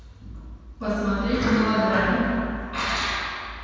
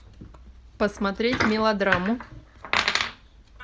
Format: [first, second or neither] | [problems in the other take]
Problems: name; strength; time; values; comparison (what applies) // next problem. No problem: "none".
second | room echo; dies away in 2.1 s